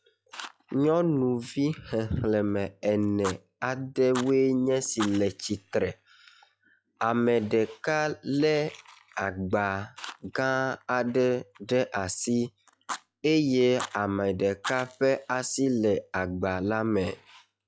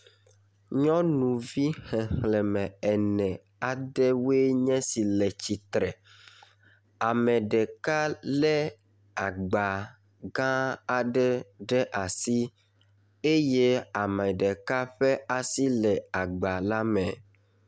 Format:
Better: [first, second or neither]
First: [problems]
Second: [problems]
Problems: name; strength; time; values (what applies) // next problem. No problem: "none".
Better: second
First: noise reduction (classical method log-MMSE)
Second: none